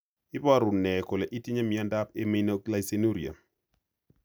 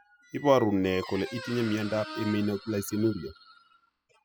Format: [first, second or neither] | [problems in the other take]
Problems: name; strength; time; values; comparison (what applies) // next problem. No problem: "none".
first | noise reduction (classical method spectral subtraction)